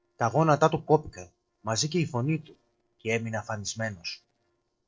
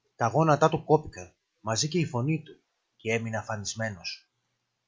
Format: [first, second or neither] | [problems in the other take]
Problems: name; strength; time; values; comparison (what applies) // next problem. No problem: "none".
second | noise reduction (neural separator model SepFormer DNS4)